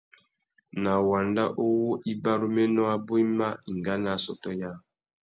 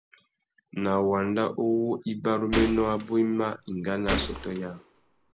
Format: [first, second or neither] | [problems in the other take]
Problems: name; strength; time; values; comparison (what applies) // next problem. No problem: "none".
first | background sound (Gunshot, gunfire); 6 dB below the speech